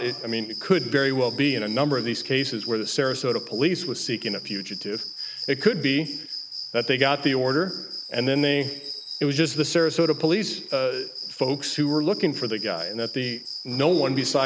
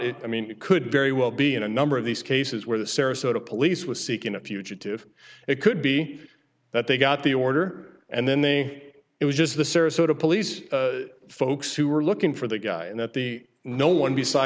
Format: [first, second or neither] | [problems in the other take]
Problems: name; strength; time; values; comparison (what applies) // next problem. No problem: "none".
second | background sound (Cricket); 10 dB below the speech